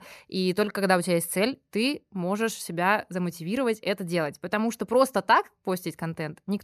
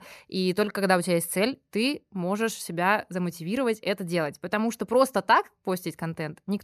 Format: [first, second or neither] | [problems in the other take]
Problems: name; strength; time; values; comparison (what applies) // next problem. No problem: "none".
neither | none